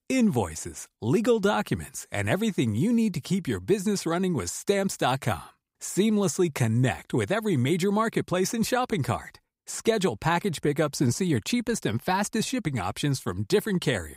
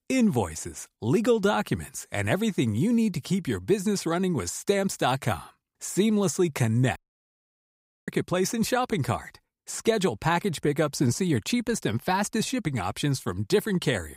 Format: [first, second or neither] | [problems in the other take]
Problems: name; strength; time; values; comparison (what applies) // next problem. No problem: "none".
first | audio cutting out; at 7 s for 1 s